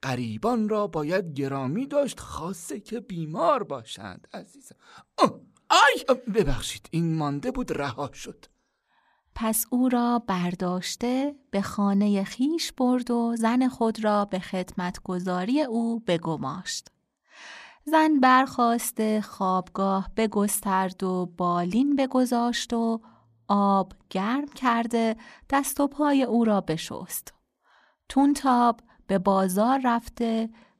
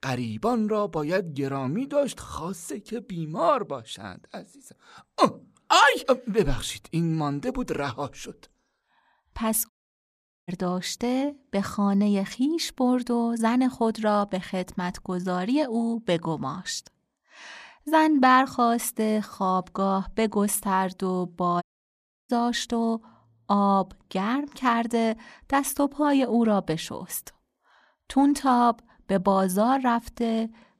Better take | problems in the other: first | audio cutting out; at 9.5 s for 1 s and at 22 s for 0.5 s

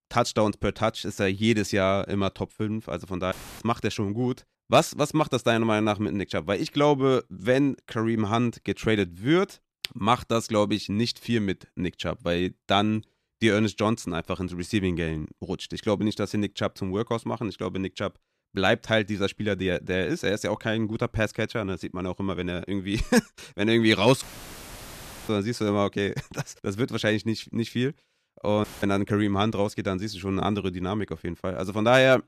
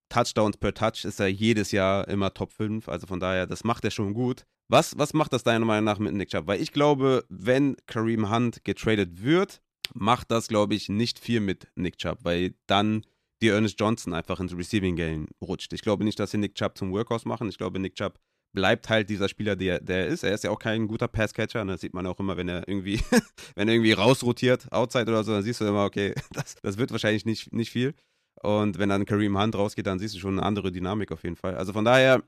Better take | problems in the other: second | audio cutting out; filled with static; at 3.5 s, at 24 s for 1 s and at 29 s

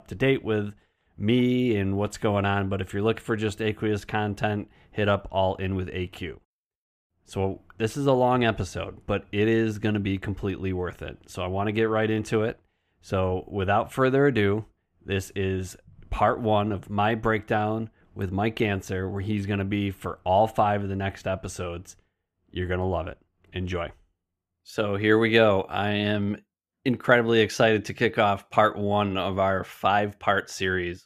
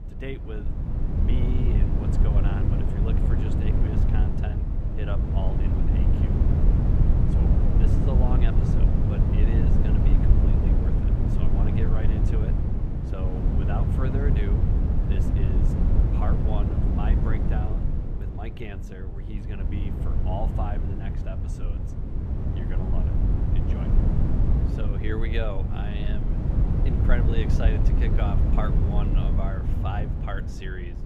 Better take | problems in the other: first | wind noise on the microphone; heavy; 2 dB above the speech

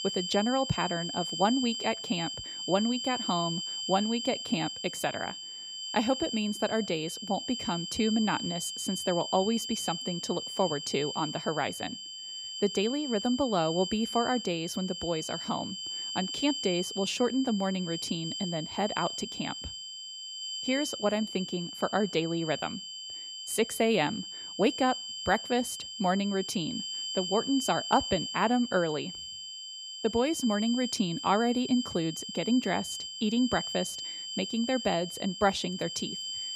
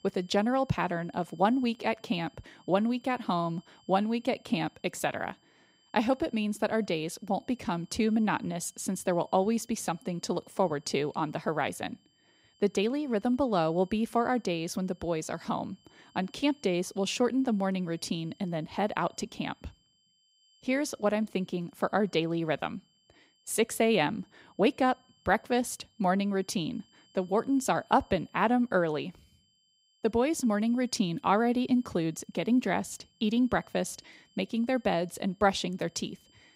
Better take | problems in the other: second | high-pitched whine; loud; throughout; 3 kHz, 5 dB below the speech; faint in the second

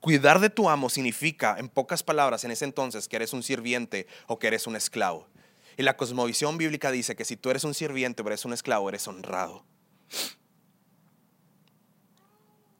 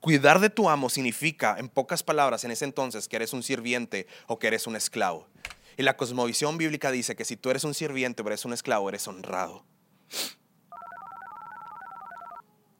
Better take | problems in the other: first | keyboard typing; faint; at 5.5 s; peak 15 dB below the speech // phone ringing; faint; from 11 s on; peak 15 dB below the speech

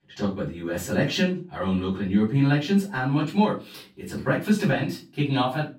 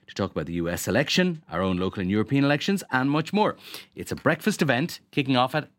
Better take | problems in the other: second | off-mic speech; far // room echo; slight; dies away in 0.3 s

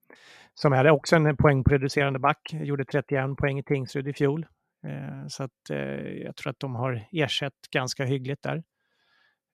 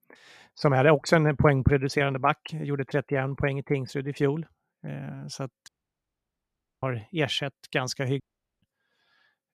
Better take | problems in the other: first | audio cutting out; at 5.5 s for 1 s and at 8 s

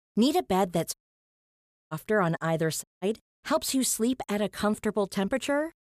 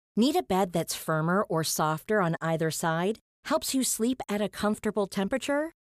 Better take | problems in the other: second | audio cutting out; at 1 s for 1 s and at 3 s

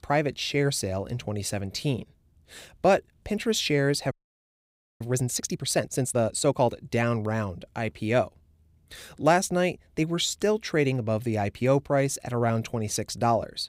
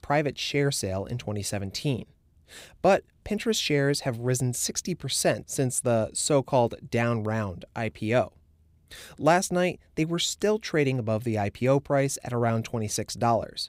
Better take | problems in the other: second | audio freezing; at 4 s for 1 s

